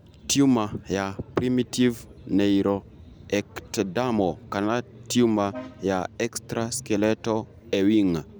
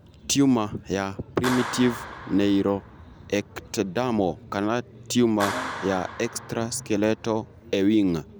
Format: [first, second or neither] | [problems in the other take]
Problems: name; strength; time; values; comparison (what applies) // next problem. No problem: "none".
first | background sound (Clapping); 13 dB below the speech